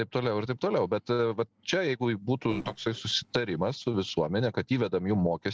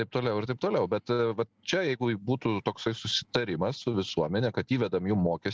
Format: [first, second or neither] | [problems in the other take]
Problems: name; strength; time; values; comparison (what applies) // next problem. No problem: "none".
second | noise reduction (neural separator model SepFormer DNS4)